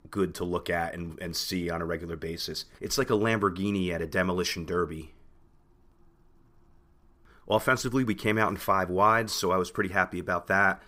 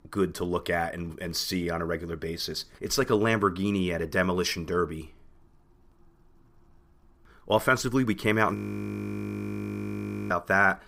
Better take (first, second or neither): first